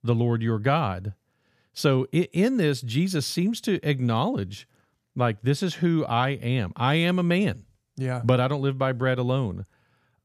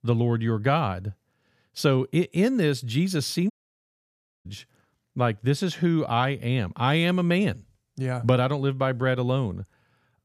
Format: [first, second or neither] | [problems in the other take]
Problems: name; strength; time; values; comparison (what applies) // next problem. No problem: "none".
first | audio cutting out; at 3.5 s for 1 s